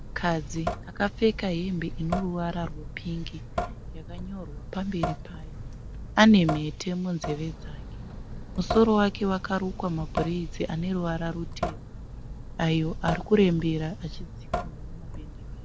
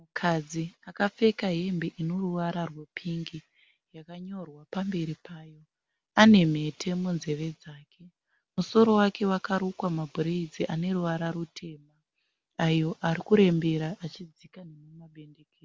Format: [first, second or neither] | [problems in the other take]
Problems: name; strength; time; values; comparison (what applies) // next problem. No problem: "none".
second | background sound (Drip / Sink (filling or washing) / Water tap, faucet); 8 dB below the speech